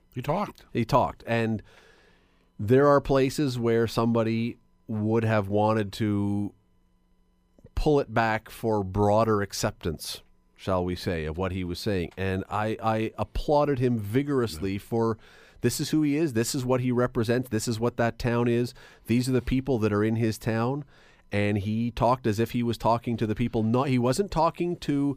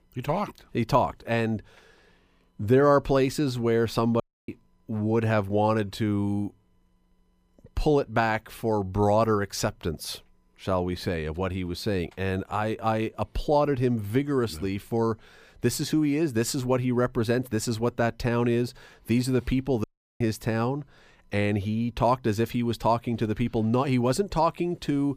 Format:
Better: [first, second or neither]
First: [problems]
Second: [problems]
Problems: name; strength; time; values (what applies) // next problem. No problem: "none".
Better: first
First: none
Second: audio cutting out; at 4 s and at 20 s